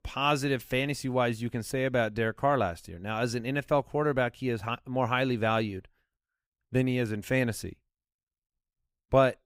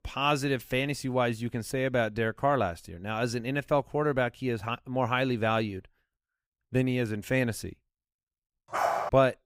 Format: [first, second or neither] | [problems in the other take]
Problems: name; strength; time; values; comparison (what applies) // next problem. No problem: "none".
first | dog barking; loud; at 8.5 s; peak level with the speech